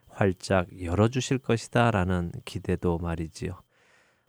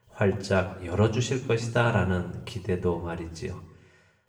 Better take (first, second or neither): first